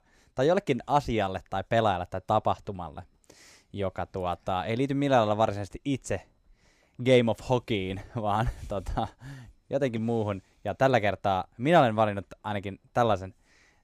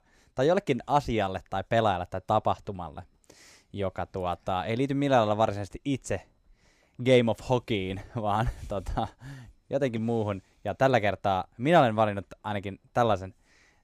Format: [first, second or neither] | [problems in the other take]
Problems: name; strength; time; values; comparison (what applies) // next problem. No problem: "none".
neither | none